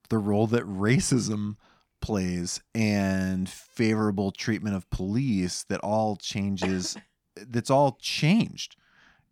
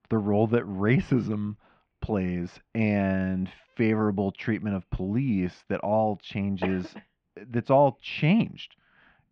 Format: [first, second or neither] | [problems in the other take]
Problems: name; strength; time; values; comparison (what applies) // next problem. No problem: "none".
first | muffled; very; fading above 3 kHz